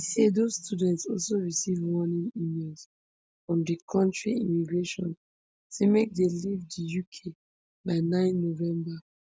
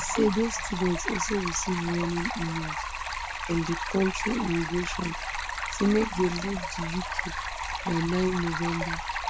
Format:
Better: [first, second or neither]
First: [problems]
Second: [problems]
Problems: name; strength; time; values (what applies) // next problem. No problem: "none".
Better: first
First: none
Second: background sound (Stream); 3 dB below the speech